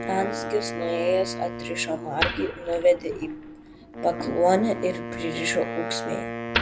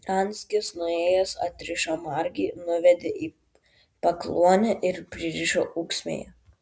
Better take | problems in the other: second | background sound (Wood + Wind instrument, woodwind instrument); 5 dB below the speech

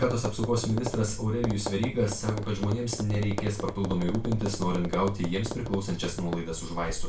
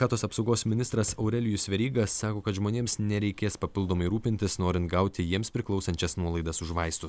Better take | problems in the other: second | background sound (Tap); 7 dB below the speech // room echo; dies away in 0.3 s

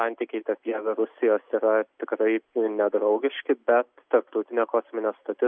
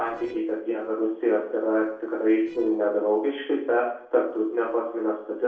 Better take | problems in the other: first | noise reduction (neural separator model SepFormer DNS4)

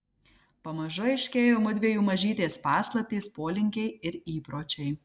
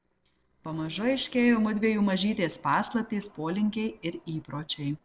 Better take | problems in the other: first | noise reduction (neural separator model SepFormer DNS4)

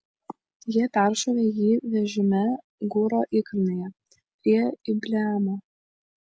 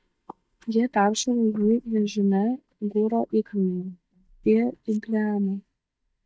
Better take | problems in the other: first | noise reduction (neural mask model DeepFilterNet 3)

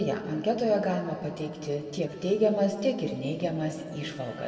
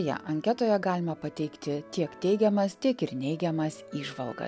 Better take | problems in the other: second | room echo; dies away in 2.3 s

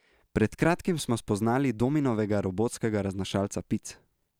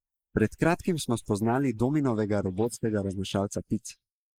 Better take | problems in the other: first | noise reduction (neural mask model Resemble Enhance denoiser)

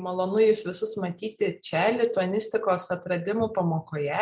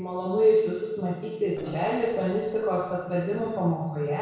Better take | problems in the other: first | noise reduction (neural separator model SepFormer DNS4)

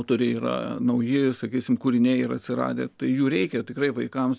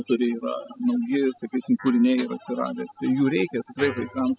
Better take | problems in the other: first | noise reduction (classical method spectral subtraction)

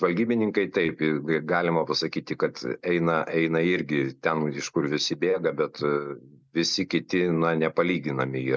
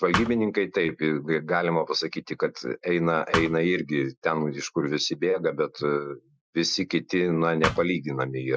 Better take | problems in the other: first | noise reduction (classical method Wiener filter)

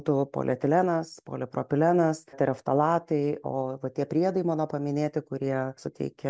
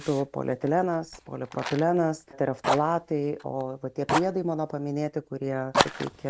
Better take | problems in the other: first | background sound (Fire); 5 dB below the speech

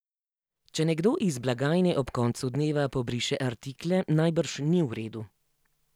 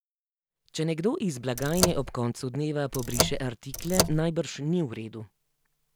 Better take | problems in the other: first | background sound (Car); 1 dB above the speech

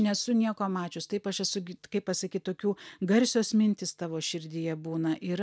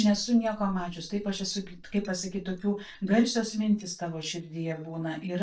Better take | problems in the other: first | noise reduction (neural mask model DeepFilterNet 3)

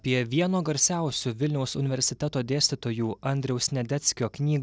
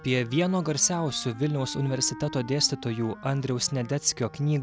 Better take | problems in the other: first | background sound (Wind instrument, woodwind instrument); 17 dB below the speech

